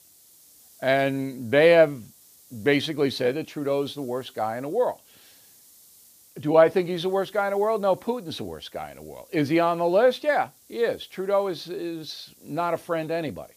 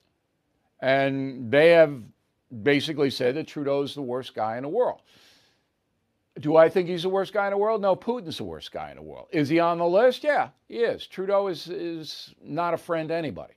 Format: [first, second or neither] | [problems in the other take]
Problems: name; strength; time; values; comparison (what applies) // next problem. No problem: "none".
second | hiss; faint; throughout; 30 dB below the speech